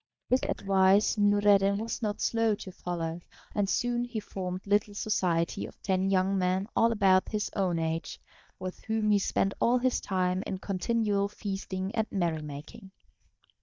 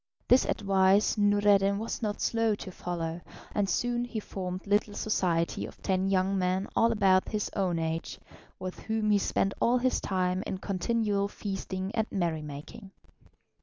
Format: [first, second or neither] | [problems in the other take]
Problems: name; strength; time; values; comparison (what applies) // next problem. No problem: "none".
second | noise reduction (neural mask model DeepFilterNet 3)